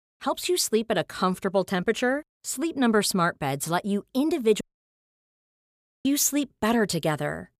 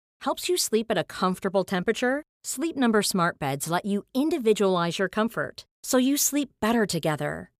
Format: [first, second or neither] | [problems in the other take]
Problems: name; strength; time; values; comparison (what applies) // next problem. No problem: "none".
second | audio cutting out; at 4.5 s for 1.5 s